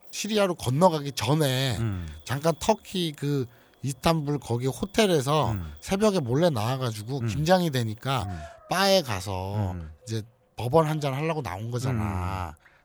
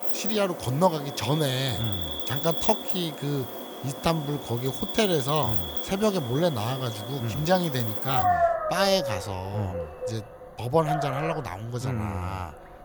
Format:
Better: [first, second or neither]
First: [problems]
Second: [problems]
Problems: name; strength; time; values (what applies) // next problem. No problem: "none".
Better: first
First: animal sounds; faint; throughout; 25 dB below the speech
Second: animal sounds; loud; throughout; 2 dB below the speech